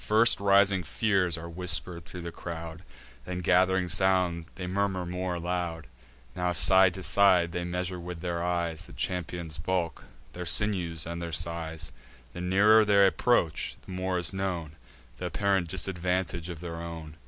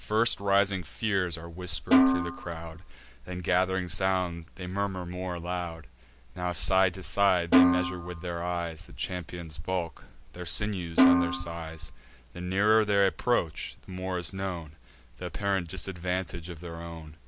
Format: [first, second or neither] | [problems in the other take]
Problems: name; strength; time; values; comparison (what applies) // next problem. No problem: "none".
first | background sound (Snare drum); 3 dB above the speech